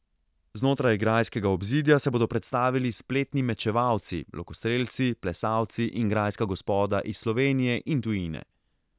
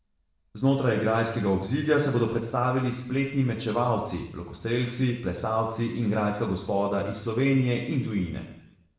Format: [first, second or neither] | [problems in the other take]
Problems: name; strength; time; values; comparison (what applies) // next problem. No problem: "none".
first | room echo; dies away in 0.8 s